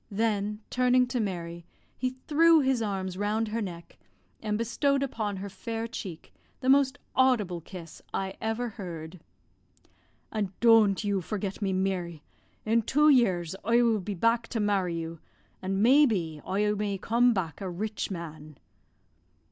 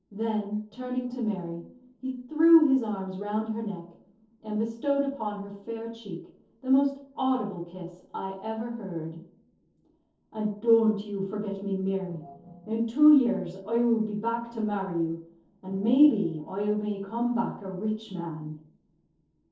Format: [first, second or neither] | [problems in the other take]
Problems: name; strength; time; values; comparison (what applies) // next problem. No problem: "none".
first | noise reduction (neural separator model SepFormer DNS4)